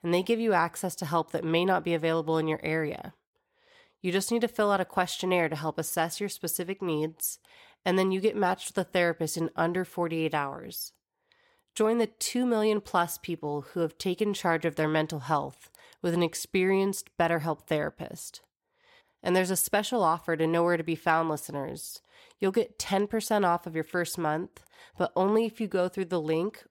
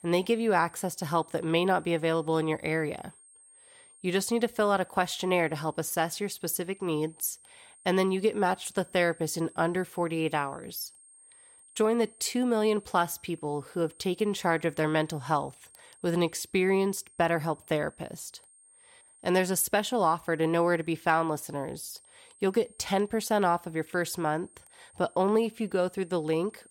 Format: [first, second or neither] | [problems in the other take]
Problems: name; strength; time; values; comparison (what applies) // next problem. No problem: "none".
first | high-pitched whine; faint; throughout; 8.5 kHz, 25 dB below the speech